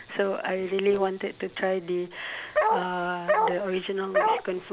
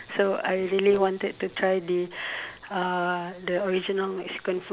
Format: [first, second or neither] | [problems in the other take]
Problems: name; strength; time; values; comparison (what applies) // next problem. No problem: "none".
second | background sound (Bark); 3 dB above the speech